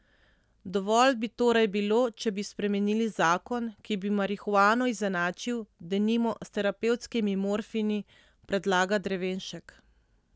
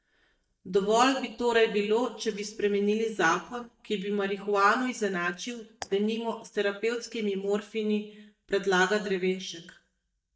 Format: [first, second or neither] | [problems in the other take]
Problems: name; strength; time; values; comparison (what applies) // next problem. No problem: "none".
first | noise reduction (neural mask model DeepFilterNet 3)